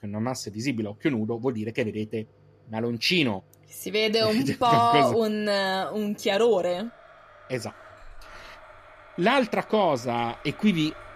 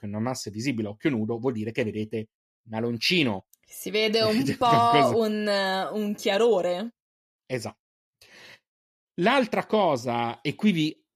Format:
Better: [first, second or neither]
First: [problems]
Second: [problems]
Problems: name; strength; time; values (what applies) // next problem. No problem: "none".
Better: second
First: household noises; faint; throughout; 25 dB below the speech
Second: none